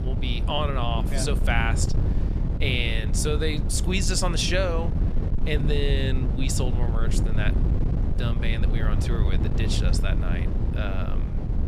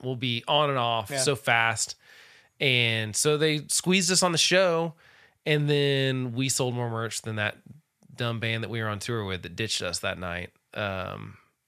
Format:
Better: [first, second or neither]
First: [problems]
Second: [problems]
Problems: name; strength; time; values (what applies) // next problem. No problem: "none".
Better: second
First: wind noise on the microphone; heavy; 8 dB below the speech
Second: none